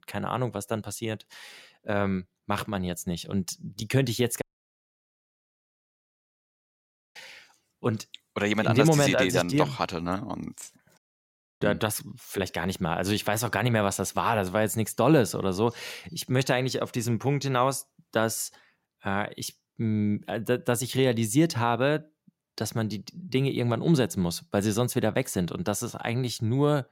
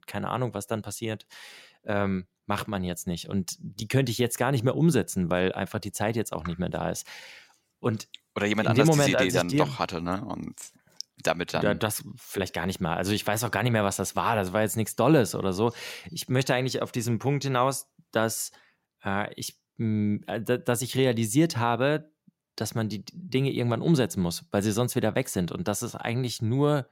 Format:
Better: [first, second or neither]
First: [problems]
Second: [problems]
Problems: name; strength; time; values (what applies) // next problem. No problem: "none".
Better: second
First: audio cutting out; at 4.5 s for 2.5 s and at 11 s for 0.5 s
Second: none